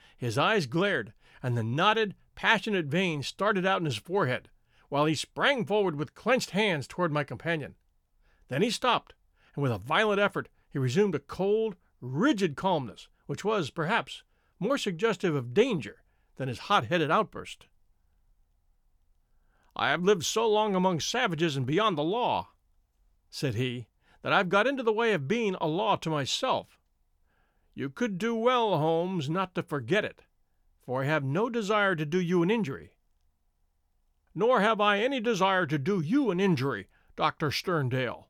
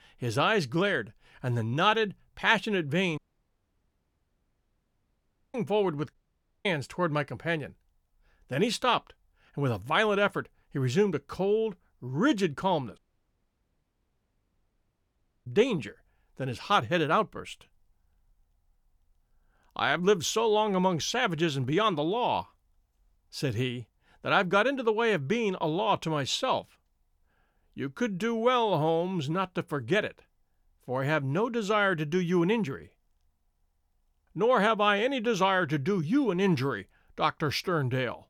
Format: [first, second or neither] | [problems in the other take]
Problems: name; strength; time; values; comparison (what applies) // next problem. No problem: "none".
first | audio cutting out; at 3 s for 2.5 s, at 6 s for 0.5 s and at 13 s for 2.5 s